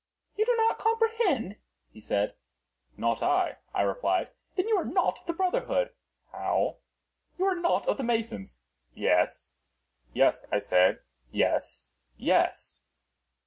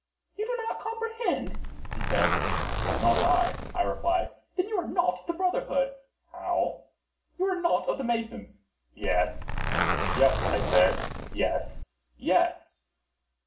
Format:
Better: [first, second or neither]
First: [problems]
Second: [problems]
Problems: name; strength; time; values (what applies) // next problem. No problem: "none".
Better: first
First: none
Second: background sound (Zipper (clothing)); 1 dB above the speech // room echo; dies away in 0.4 s